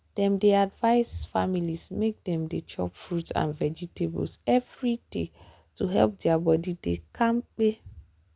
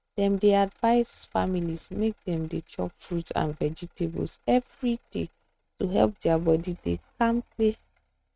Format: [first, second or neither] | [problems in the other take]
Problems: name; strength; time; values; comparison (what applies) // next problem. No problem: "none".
first | noise reduction (neural mask model RNNoise)